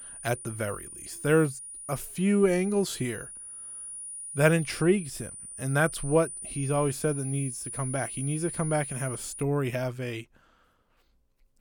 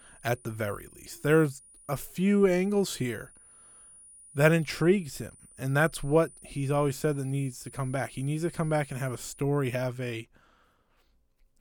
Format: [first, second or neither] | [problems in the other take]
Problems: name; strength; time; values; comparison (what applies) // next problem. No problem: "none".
second | high-pitched whine; loud; until 9.5 s; 9.5 kHz, 9 dB below the speech; faint in the second